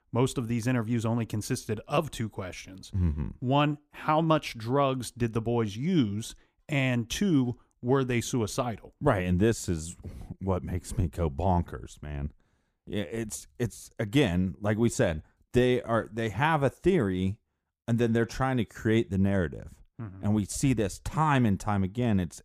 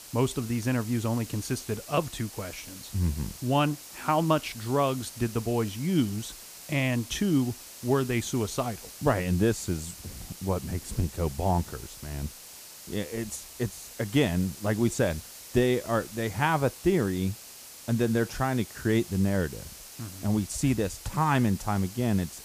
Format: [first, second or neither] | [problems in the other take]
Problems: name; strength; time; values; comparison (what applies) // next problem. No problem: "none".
first | hiss; noticeable; throughout; 15 dB below the speech